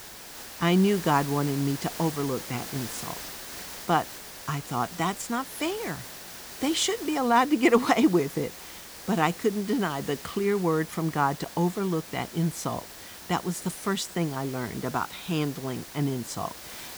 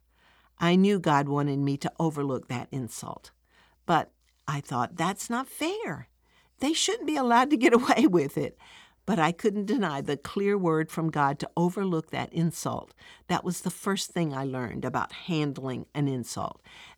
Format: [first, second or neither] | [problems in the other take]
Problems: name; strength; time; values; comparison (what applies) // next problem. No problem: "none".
second | hiss; noticeable; throughout; 10 dB below the speech